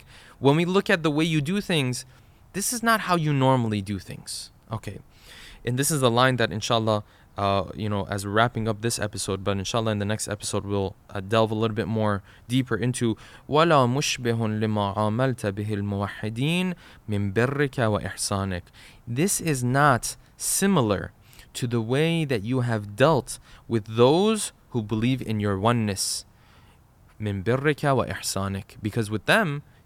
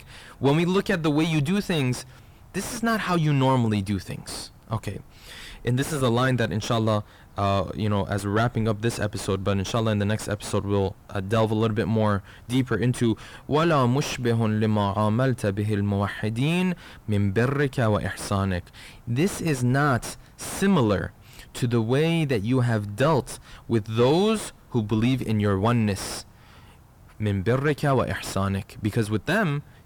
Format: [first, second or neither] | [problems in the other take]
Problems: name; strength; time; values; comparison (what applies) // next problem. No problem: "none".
first | distortion; heavy; 7 dB below the speech